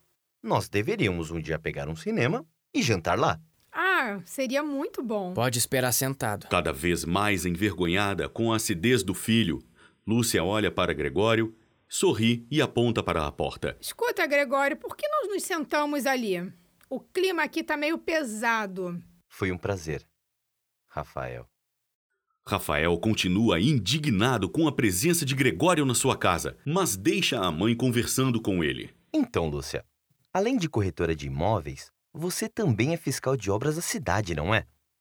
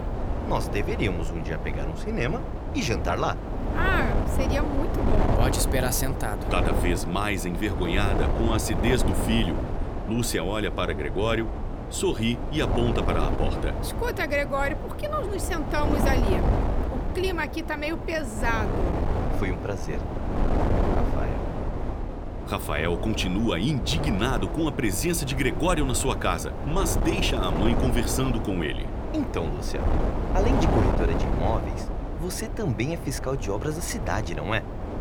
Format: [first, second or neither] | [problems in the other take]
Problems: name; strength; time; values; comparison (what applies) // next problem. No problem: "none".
first | wind noise on the microphone; heavy; 4 dB below the speech